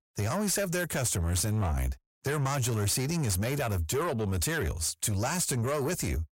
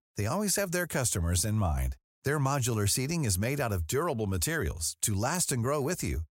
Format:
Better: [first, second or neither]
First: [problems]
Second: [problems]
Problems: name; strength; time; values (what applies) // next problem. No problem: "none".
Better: second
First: distortion; slight; 10 dB below the speech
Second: none